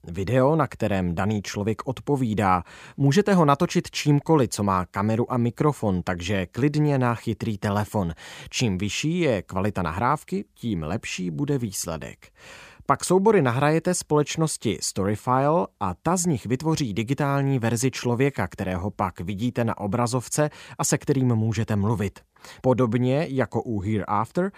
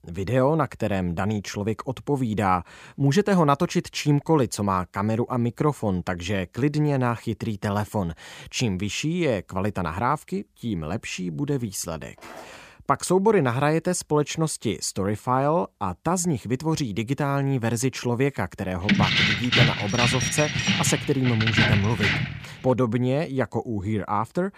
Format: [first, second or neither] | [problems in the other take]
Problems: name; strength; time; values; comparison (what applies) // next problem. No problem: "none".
first | footsteps; faint; at 12 s; peak 15 dB below the speech // jangling keys; loud; from 19 to 22 s; peak 6 dB above the speech